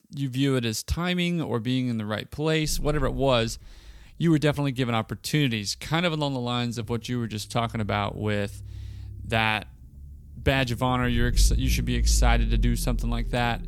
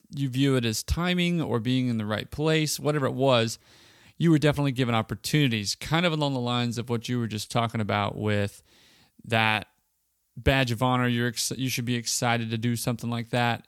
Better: second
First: low rumble; faint; from 2.5 s on; 20 dB below the speech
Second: none

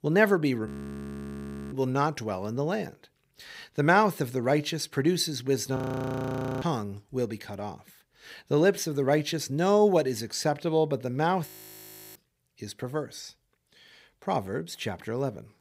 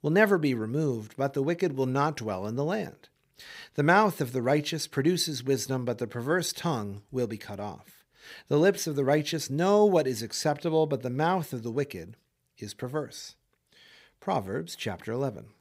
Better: second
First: audio freezing; at 0.5 s for 1 s, at 6 s for 1 s and at 11 s for 0.5 s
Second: none

